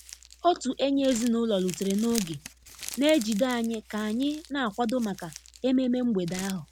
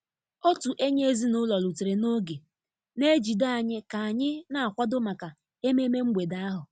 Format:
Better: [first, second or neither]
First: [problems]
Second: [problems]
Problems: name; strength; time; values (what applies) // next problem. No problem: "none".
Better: second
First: background sound (Crumpling, crinkling); 16 dB below the speech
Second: none